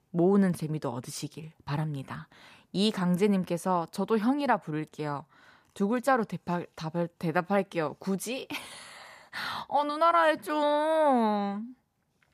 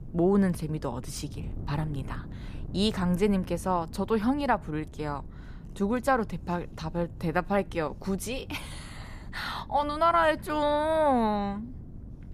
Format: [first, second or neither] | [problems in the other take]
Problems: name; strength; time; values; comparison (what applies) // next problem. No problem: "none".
first | wind noise on the microphone; occasional gusts; 25 dB below the speech